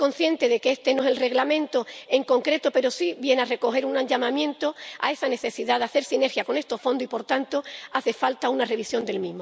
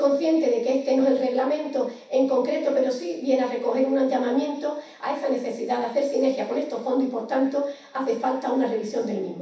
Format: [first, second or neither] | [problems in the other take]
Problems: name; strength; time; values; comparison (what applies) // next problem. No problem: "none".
first | room echo; dies away in 0.7 s